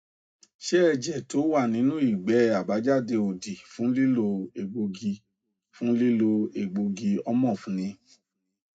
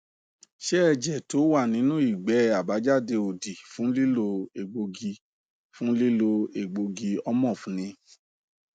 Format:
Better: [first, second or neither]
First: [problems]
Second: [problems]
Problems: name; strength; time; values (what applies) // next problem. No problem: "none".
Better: second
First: room echo; dies away in 0.2 s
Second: none